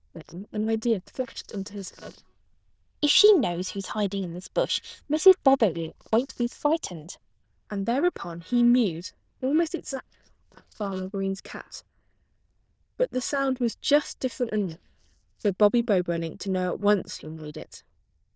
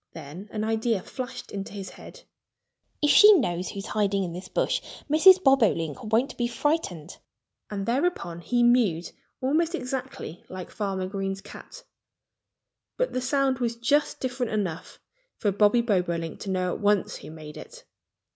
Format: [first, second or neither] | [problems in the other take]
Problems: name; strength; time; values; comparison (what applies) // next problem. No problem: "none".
second | noise reduction (neural diffusion model UNIVERSE++)